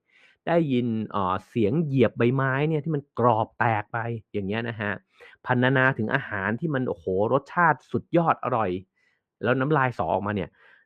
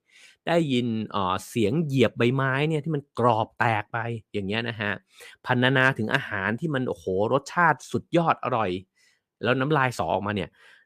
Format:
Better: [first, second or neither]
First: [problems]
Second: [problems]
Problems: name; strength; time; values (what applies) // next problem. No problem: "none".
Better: second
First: muffled; very; fading above 4 kHz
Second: none